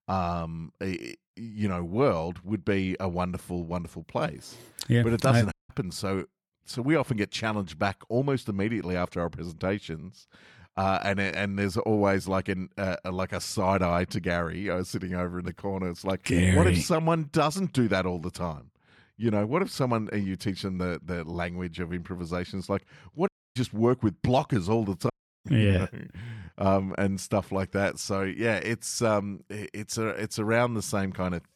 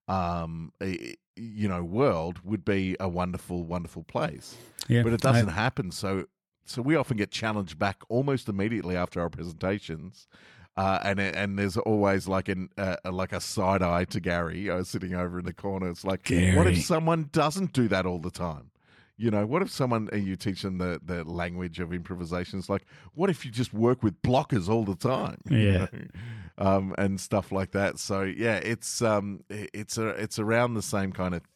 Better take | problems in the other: second | audio cutting out; at 5.5 s, at 23 s and at 25 s

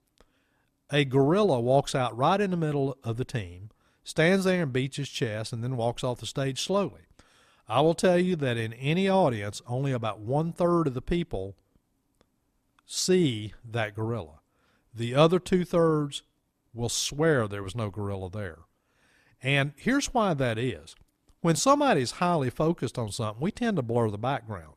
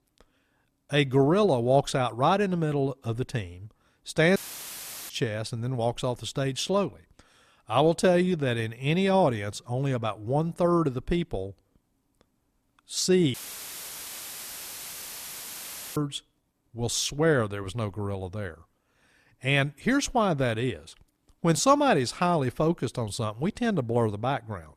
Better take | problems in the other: first | audio cutting out; filled with static; at 4.5 s for 0.5 s and at 13 s for 2.5 s

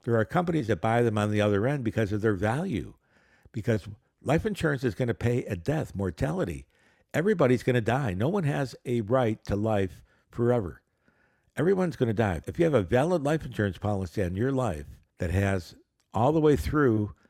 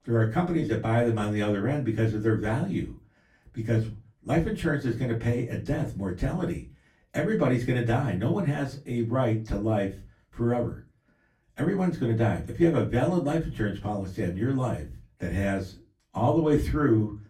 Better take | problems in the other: first | off-mic speech; far // room echo; very slight; dies away in 0.2 s

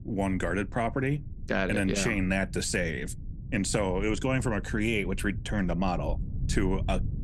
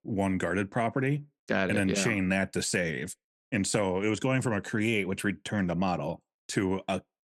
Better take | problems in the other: second | low rumble; faint; throughout; 20 dB below the speech

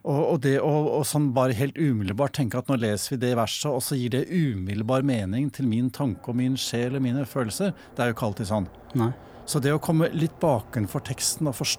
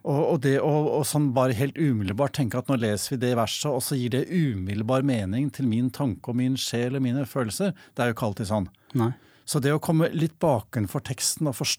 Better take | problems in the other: second | traffic noise; faint; throughout; 25 dB below the speech

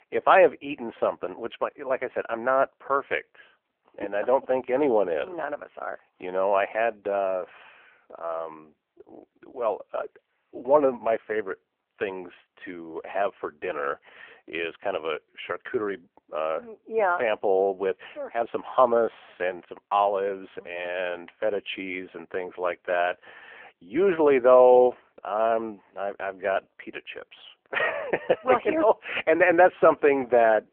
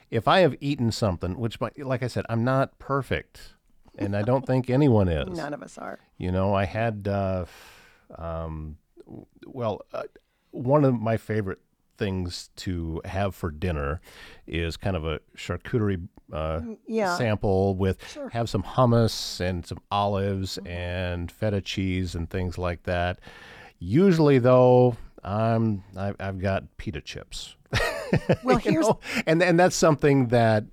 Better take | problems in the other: second | phone-call audio; poor line

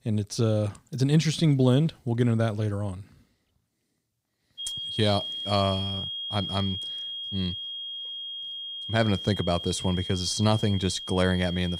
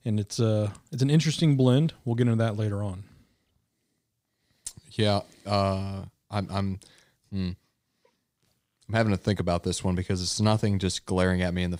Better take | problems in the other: second | high-pitched whine; loud; from 4.5 s on; 3.5 kHz, 6 dB below the speech

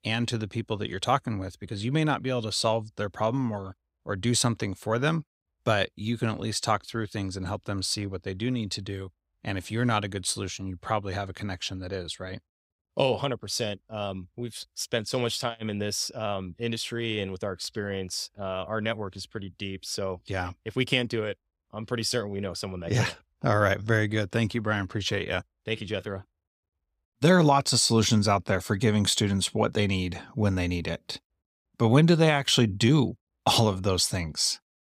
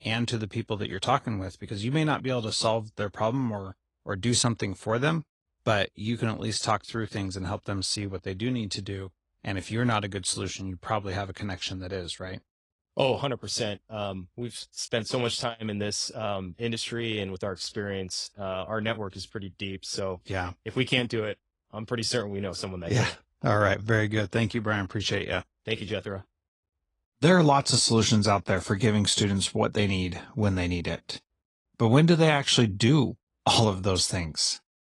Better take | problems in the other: first | garbled, watery; slightly

